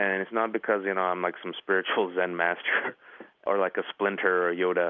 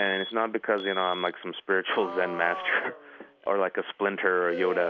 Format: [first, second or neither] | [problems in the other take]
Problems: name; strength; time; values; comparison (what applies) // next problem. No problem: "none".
first | background sound (Alarm); 12 dB below the speech